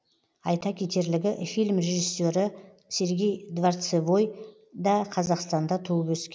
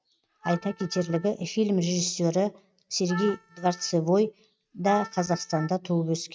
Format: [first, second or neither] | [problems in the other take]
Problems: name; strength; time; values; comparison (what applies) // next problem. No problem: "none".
first | noise reduction (neural mask model RNNoise)